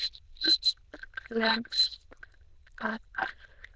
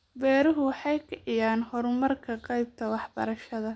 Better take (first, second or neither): second